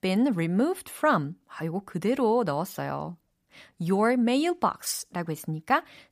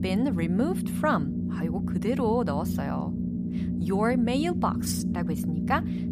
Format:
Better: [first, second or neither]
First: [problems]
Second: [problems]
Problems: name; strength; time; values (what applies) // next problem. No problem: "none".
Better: first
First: none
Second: low rumble; loud; throughout; 7 dB below the speech